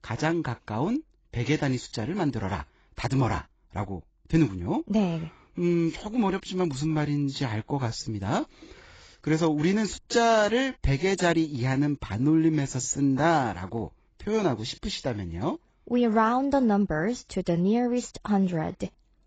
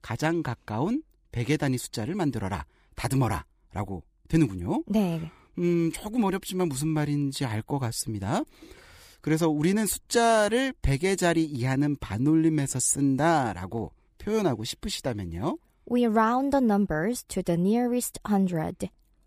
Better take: second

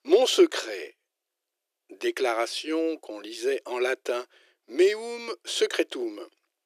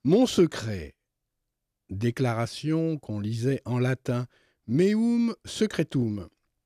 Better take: second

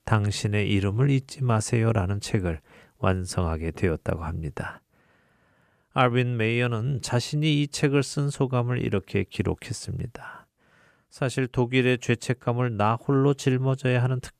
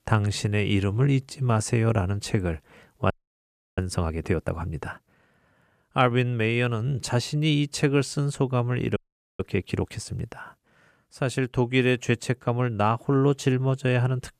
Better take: first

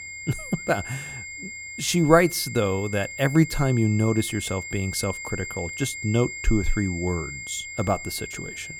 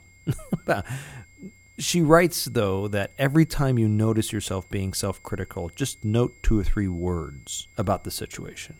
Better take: second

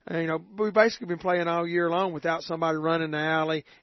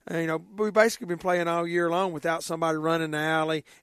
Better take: second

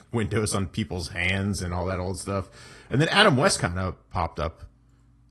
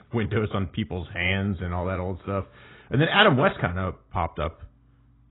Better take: first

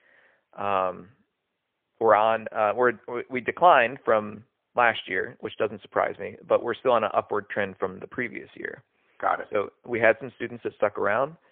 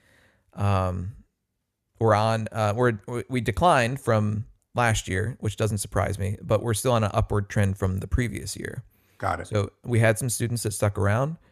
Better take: second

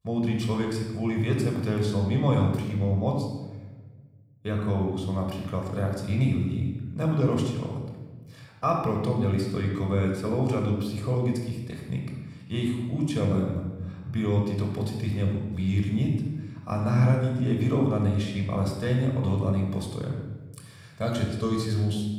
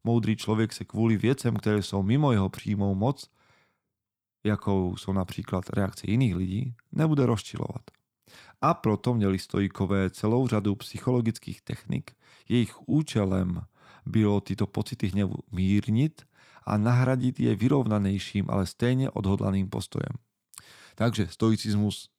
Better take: second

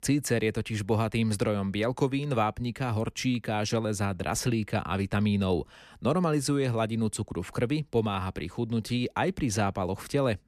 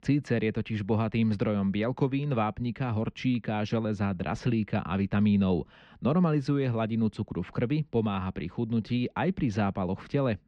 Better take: first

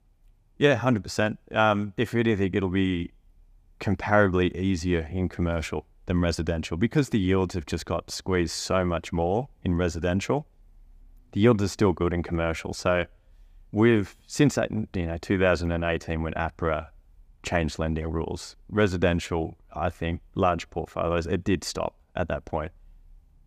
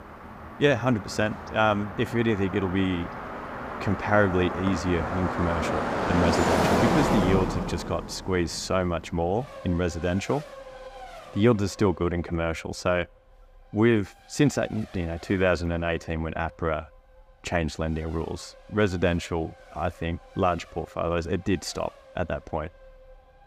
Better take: first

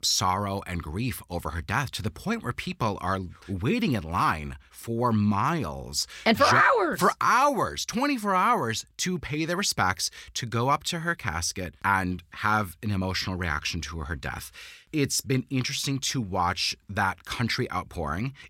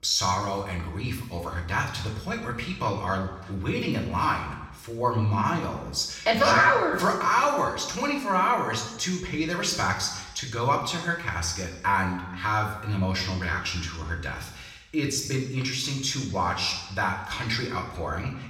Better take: first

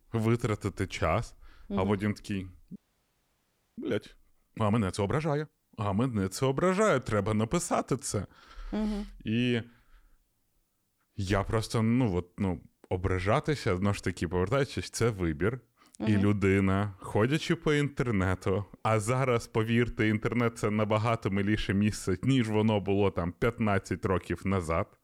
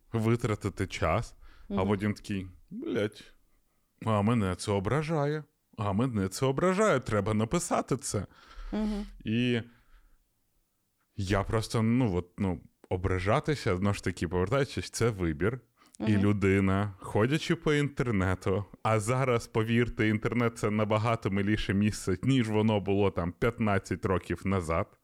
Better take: second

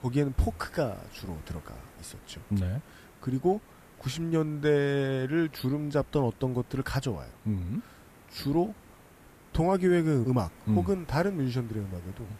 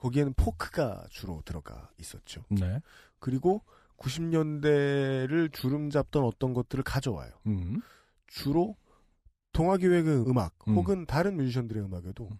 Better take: second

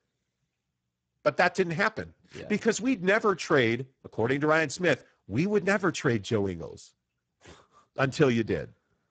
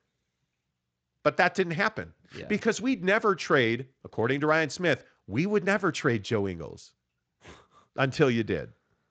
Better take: second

